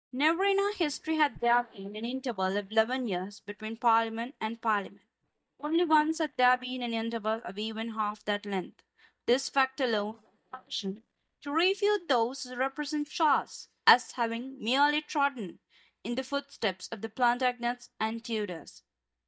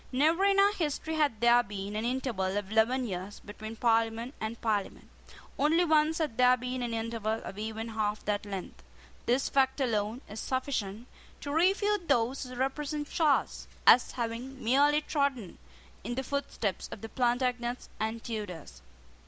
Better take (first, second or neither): second